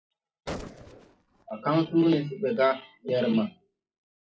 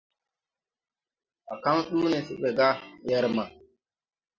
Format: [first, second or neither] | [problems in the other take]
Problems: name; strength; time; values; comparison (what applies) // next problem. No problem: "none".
second | noise reduction (classical method WPE with log-MMSE)